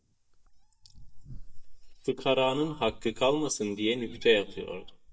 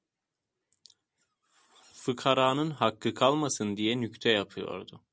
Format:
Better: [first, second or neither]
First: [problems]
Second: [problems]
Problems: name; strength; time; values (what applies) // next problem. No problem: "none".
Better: second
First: noise reduction (neural mask model DeepFilterNet 3)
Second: none